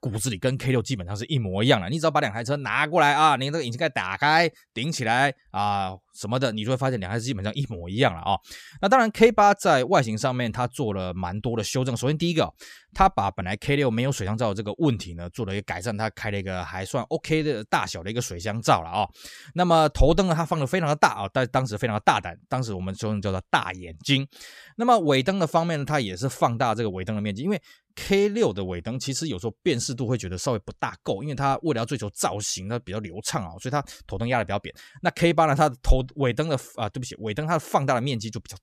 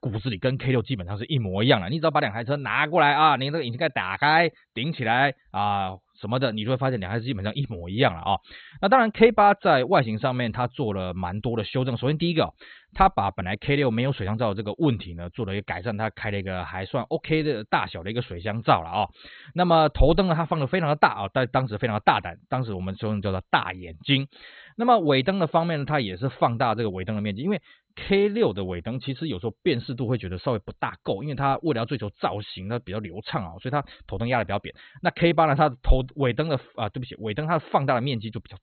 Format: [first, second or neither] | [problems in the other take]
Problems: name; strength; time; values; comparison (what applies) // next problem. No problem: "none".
first | garbled, watery; badly; nothing above 4 kHz